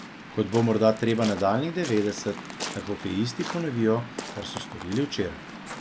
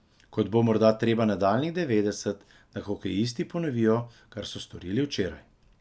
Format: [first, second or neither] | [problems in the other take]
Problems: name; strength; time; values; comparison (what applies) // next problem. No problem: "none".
second | background sound (Waves, surf); 11 dB below the speech